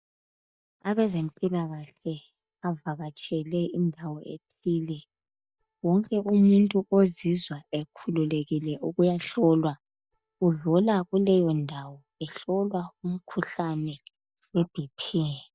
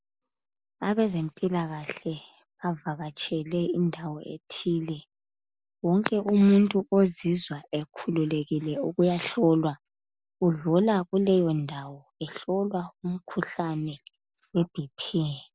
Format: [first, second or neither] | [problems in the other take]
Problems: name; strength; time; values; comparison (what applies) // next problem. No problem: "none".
second | noise reduction (neural mask model DeepFilterNet 3)